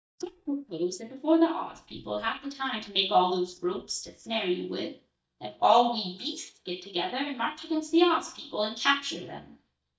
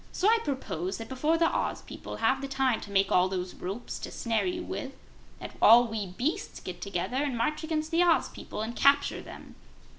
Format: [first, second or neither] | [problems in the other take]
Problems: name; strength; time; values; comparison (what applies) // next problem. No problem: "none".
second | noise reduction (neural mask model DeepFilterNet 3)